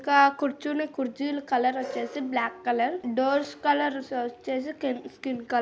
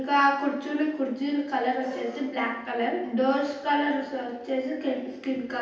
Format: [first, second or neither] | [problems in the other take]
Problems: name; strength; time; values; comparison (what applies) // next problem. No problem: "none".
first | room echo; dies away in 0.9 s